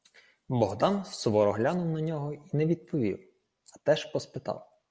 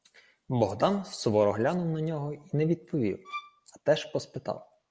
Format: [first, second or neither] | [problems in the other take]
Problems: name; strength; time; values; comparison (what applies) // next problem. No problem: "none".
first | background sound (Bowed string instrument); 13 dB below the speech